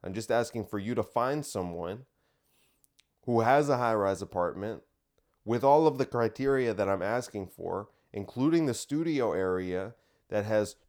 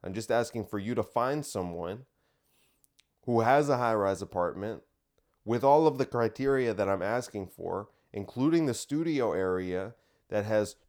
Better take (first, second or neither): neither